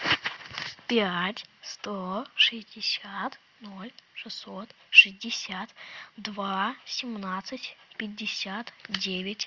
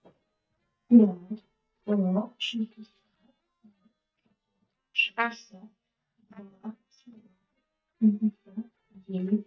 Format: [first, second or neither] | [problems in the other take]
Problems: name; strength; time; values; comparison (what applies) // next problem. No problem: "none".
first | noise reduction (neural mask model DeepFilterNet 3)